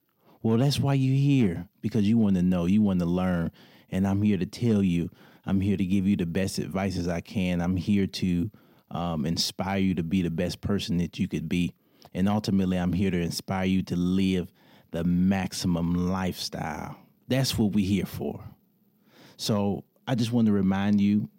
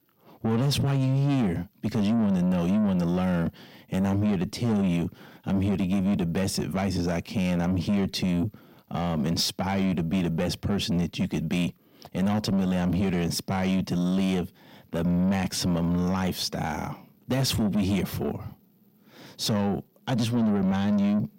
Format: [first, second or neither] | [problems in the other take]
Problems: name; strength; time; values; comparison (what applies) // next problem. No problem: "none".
first | distortion; slight; 10 dB below the speech